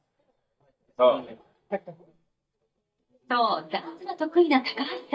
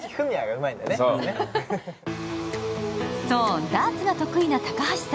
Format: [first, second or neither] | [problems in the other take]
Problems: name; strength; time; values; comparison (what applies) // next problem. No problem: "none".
second | noise reduction (neural mask model DeepFilterNet 3)